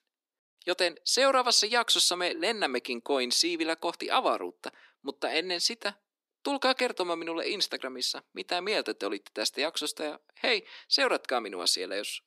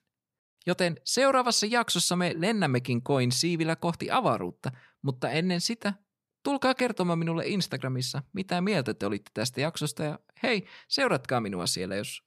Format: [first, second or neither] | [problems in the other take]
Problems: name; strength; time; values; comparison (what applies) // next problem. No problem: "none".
second | thin; somewhat; fading below 300 Hz